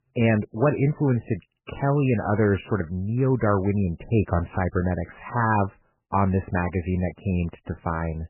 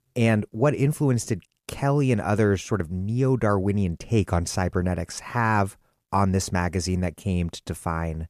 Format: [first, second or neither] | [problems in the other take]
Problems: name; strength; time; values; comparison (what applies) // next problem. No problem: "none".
second | garbled, watery; badly; nothing above 3 kHz